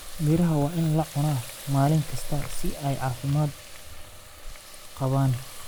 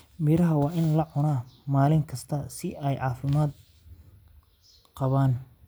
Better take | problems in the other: second | background sound (Water tap, faucet); 8 dB below the speech

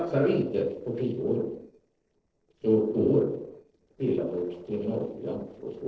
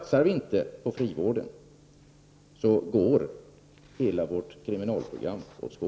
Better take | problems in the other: second | noise reduction (neural separator model SepFormer DNS4)

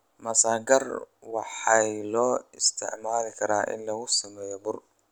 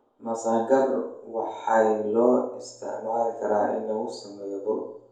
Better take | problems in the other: first | room echo; dies away in 2.3 s

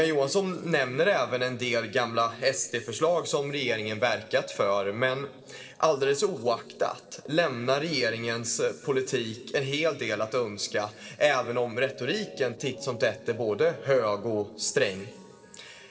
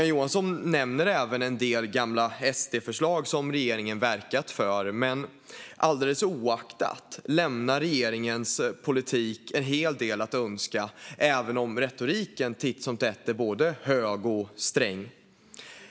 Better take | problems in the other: second | noise reduction (neural separator model SepFormer DNS4)

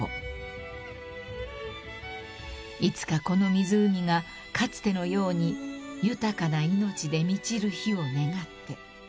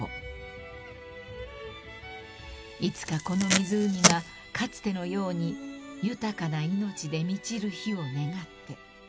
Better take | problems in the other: first | background sound (Packing tape, duct tape); 3 dB above the speech

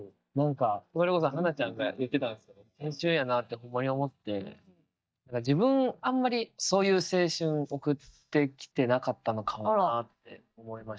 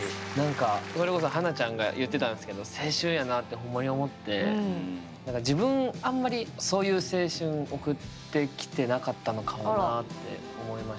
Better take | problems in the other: second | noise reduction (neural mask model DeepFilterNet 3)

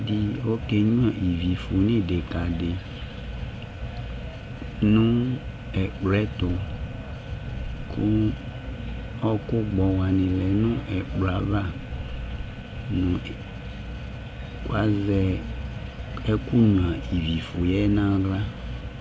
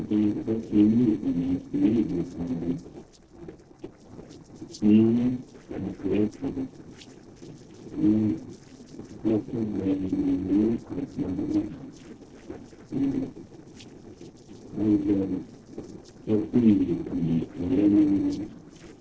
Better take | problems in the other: first | noise reduction (neural separator model SepFormer DNS4)

